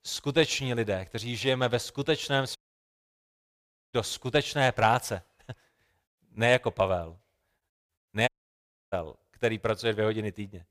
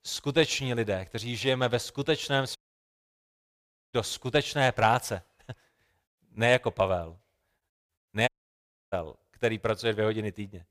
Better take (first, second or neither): neither